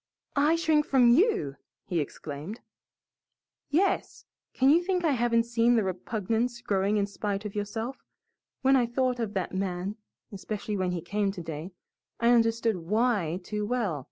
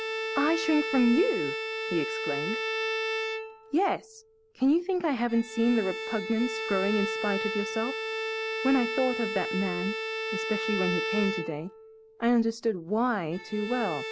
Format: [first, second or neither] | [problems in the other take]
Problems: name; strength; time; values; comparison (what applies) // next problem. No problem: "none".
first | background sound (Bowed string instrument); 4 dB below the speech